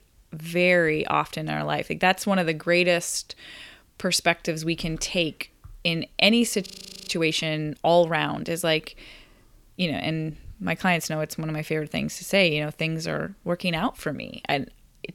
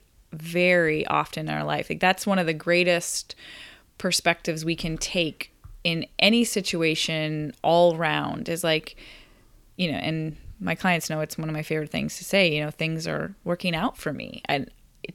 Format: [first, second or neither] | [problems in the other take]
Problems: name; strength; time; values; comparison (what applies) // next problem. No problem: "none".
second | audio freezing; at 6.5 s